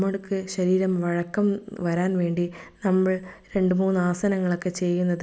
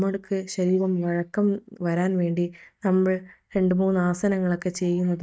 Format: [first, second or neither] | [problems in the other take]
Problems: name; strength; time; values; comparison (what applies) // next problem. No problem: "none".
first | noise reduction (neural mask model DeepFilterNet 3)